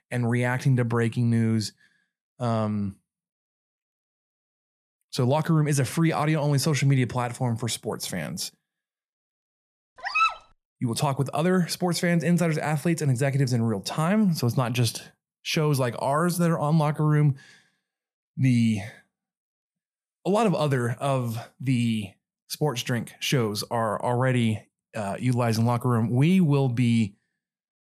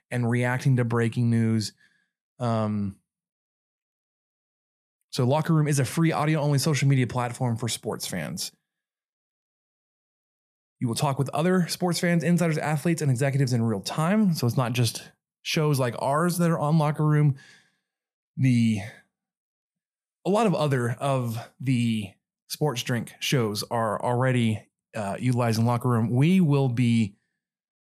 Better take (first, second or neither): second